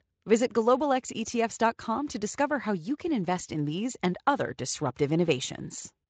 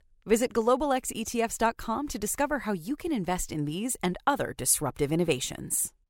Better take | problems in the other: second | garbled, watery; slightly; nothing above 7.5 kHz

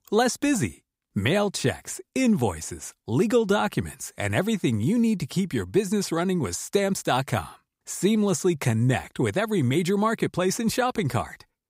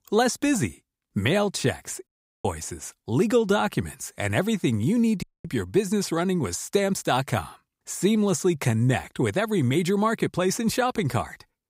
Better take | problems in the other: first | audio cutting out; at 2 s and at 5 s

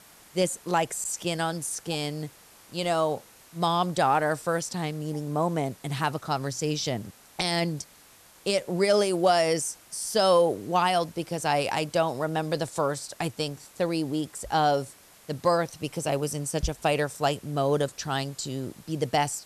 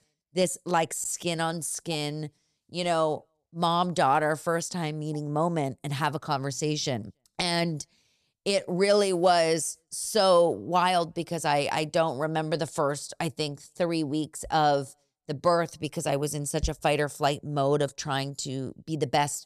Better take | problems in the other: second | hiss; faint; throughout; 25 dB below the speech

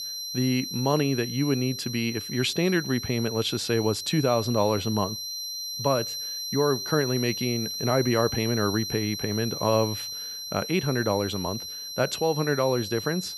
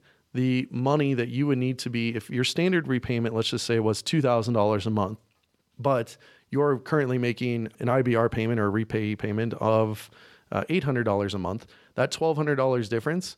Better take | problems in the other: second | high-pitched whine; loud; throughout; 4 kHz, 6 dB below the speech

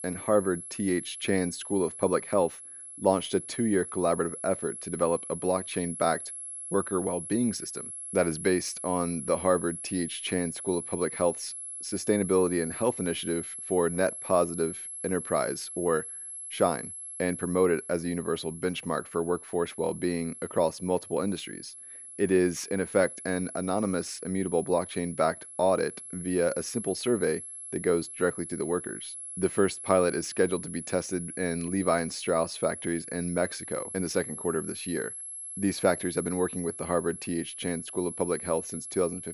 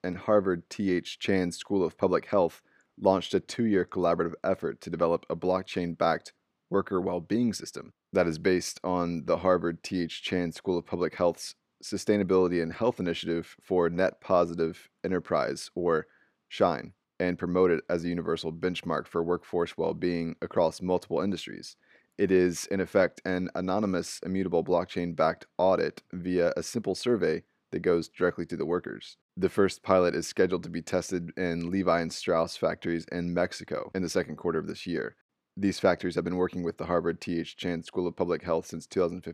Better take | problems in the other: second | high-pitched whine; loud; throughout; 11 kHz, 9 dB below the speech

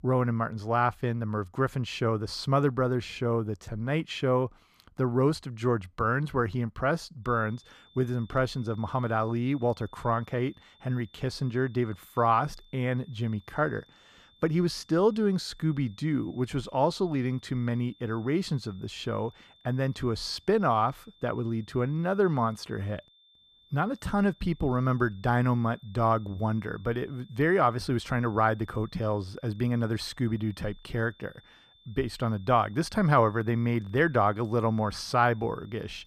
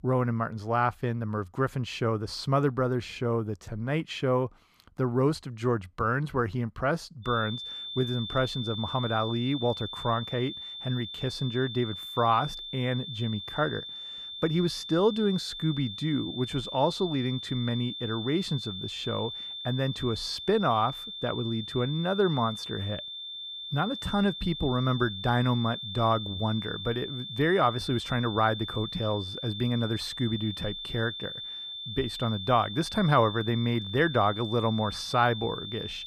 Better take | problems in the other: first | high-pitched whine; loud; from 7.5 s on; 3.5 kHz, 7 dB below the speech; faint in the first

